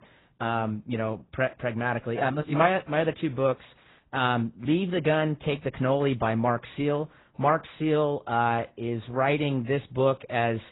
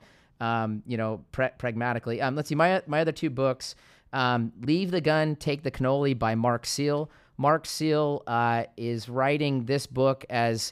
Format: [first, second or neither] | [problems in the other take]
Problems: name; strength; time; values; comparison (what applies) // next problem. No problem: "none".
second | garbled, watery; badly; nothing above 4 kHz